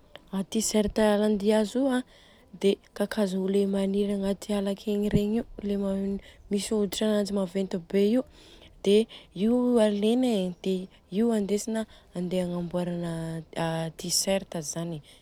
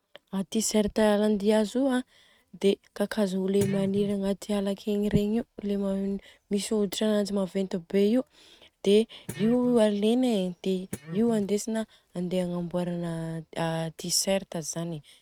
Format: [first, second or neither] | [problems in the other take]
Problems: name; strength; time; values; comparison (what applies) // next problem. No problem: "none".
first | noise reduction (neural mask model RNNoise)